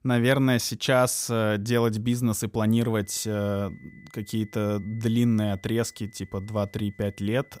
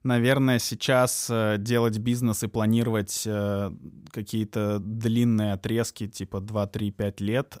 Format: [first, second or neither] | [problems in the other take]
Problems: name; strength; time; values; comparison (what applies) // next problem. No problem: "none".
second | high-pitched whine; faint; from 3 s on; 2 kHz, 30 dB below the speech